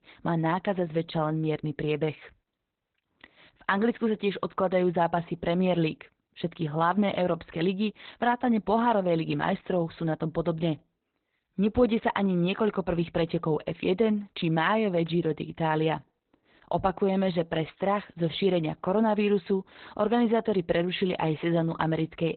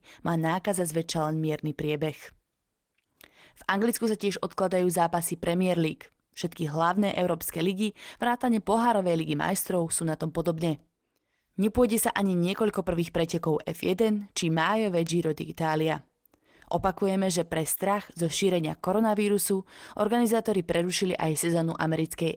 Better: second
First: garbled, watery; badly; nothing above 4 kHz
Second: garbled, watery; slightly; nothing above 19 kHz

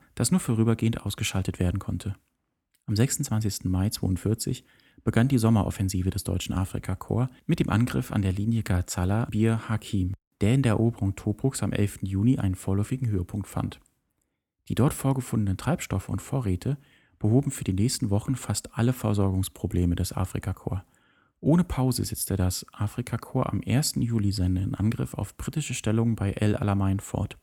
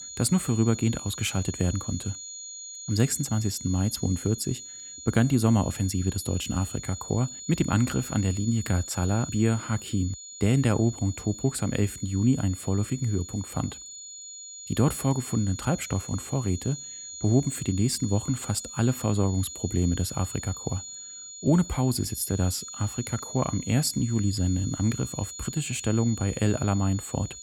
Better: first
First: none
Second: high-pitched whine; noticeable; throughout; 7 kHz, 10 dB below the speech

